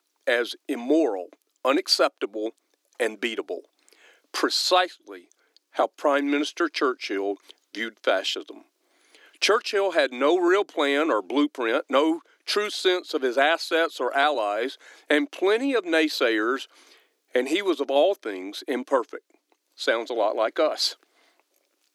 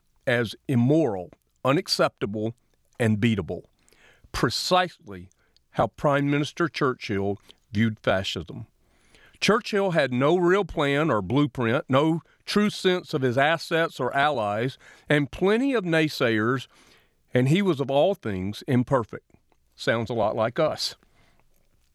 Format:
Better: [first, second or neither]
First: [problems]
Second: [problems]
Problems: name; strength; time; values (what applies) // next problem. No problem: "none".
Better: second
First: thin; very slightly; fading below 300 Hz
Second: none